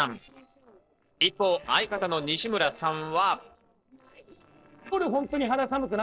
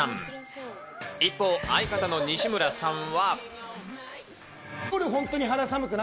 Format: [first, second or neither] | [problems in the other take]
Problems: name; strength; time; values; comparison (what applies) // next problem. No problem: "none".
second | noise reduction (neural separator model SepFormer DNS4)